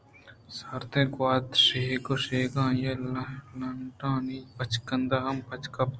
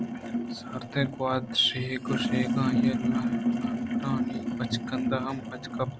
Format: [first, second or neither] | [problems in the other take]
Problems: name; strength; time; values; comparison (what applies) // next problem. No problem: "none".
first | background sound (Sink (filling or washing)); 1 dB above the speech